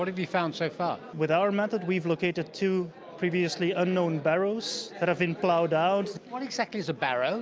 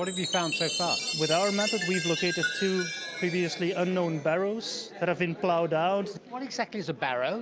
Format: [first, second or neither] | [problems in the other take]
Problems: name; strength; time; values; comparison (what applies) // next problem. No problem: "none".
first | background sound (Chime); 7 dB below the speech